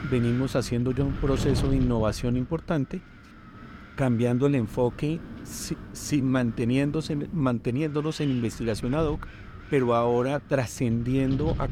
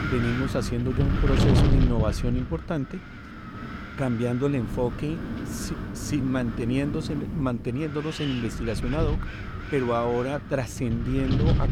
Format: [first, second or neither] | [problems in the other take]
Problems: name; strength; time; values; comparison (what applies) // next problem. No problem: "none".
first | wind noise on the microphone; heavy; 5 dB below the speech; occasional gusts in the first